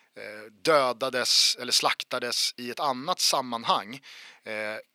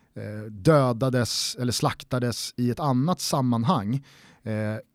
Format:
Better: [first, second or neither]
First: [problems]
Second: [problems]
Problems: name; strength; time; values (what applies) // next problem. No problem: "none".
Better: second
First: thin; very; fading below 550 Hz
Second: none